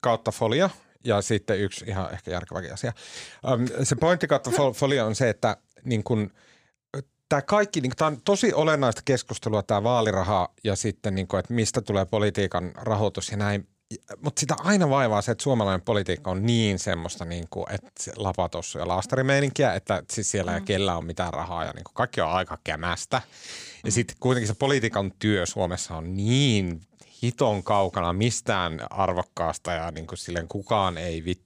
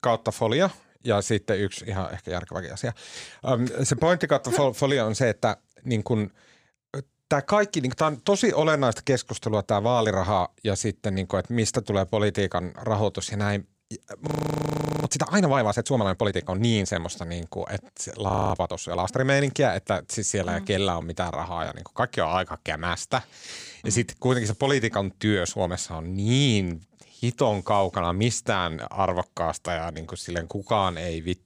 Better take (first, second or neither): first